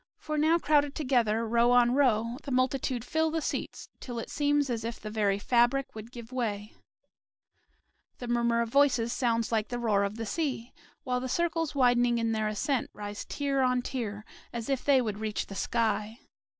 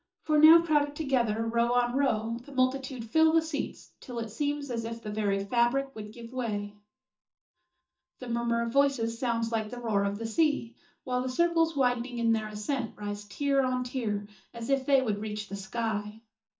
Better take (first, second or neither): first